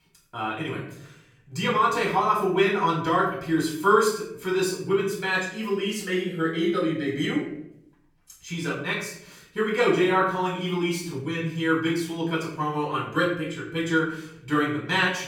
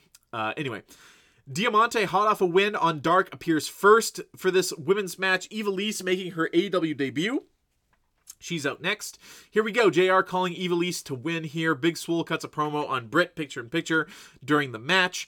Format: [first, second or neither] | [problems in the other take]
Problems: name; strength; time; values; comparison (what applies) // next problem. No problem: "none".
second | off-mic speech; far // room echo; noticeable; dies away in 0.7 s